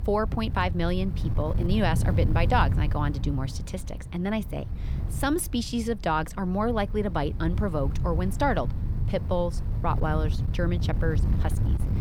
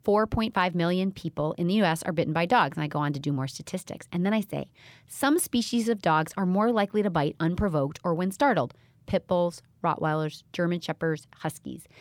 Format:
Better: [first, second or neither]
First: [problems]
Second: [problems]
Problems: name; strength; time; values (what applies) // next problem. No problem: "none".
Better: second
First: wind noise on the microphone; occasional gusts; 15 dB below the speech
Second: none